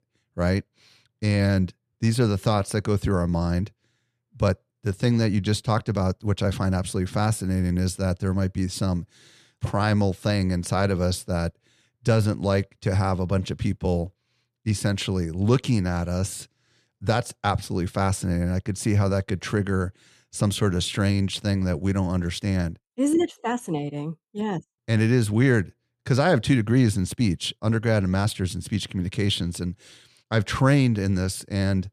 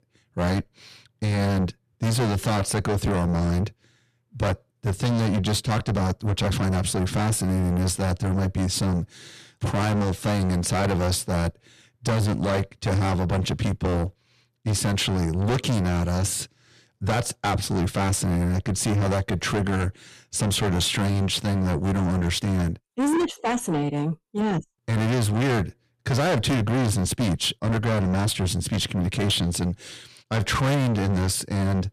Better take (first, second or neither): first